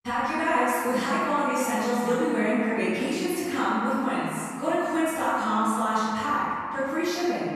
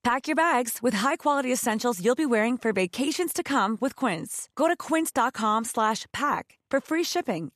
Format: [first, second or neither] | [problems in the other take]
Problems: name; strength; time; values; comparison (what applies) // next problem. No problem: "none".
second | off-mic speech; far // room echo; strong; dies away in 2.2 s